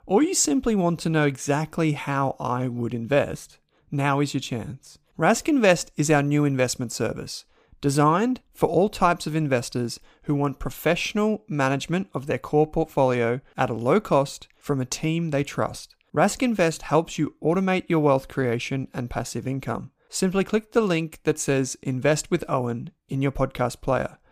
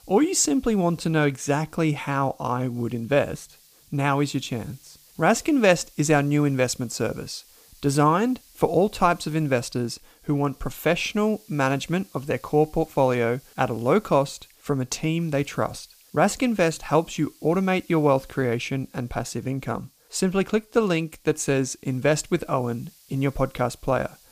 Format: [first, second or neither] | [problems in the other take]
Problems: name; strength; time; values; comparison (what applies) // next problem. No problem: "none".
first | hiss; faint; throughout; 30 dB below the speech